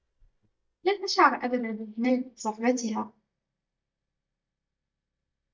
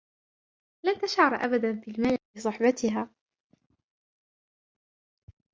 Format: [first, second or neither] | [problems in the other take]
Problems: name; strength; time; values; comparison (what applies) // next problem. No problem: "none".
second | noise reduction (neural mask model DeepFilterNet 3)